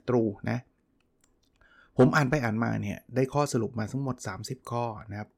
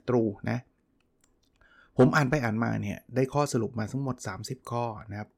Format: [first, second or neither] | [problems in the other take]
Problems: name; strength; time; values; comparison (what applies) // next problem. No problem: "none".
neither | none